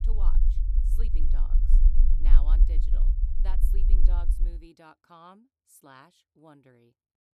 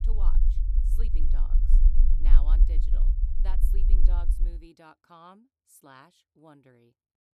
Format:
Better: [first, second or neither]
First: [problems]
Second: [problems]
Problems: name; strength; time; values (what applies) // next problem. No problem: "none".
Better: neither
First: low rumble; loud; until 4.5 s; 2 dB below the speech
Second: low rumble; loud; until 4.5 s; 2 dB below the speech